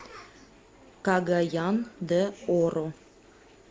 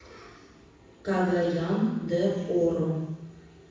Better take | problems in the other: first | room echo; dies away in 1 s

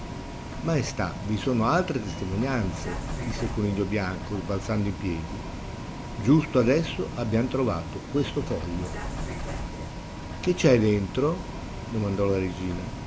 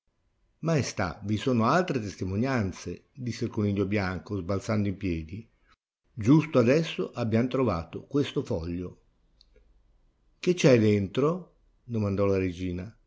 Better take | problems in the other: second | background sound (Bus); 7 dB below the speech

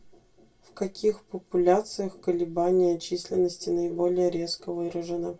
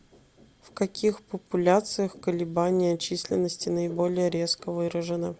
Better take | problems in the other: second | room echo; dies away in 0.1 s

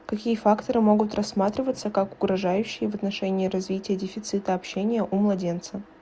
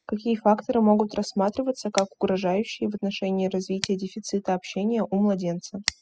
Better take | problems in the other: first | noise reduction (classical method spectral subtraction)

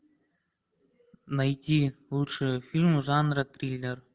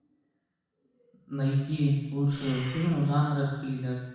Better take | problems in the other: first | background sound (Breathing); 15 dB below the speech // room echo; dies away in 1.1 s

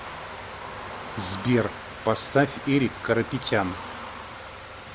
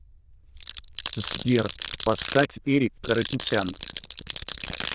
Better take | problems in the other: first | noise reduction (neural diffusion model UNIVERSE++)

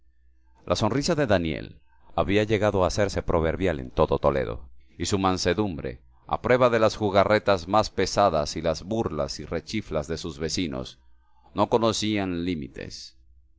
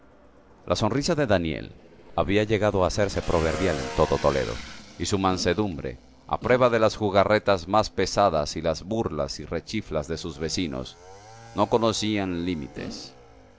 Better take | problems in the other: first | background sound (Motorcycle / Engine + Fart); 17 dB below the speech

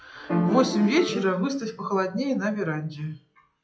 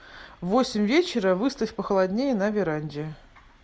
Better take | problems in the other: second | noise reduction (classical method WPE with log-MMSE)

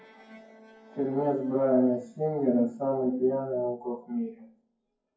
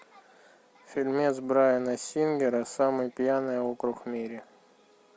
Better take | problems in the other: second | noise reduction (classical method WPE with log-MMSE)

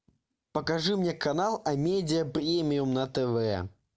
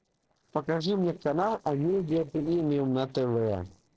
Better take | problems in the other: first | noise reduction (neural separator model SepFormer DNS4)

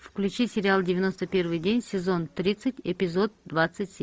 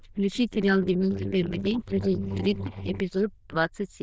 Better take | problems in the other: first | noise reduction (neural diffusion model UNIVERSE++)

